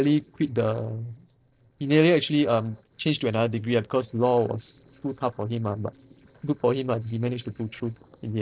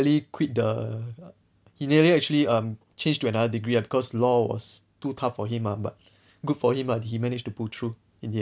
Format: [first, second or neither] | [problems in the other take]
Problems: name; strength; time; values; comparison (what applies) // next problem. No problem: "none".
second | noise reduction (neural separator model SepFormer DNS4)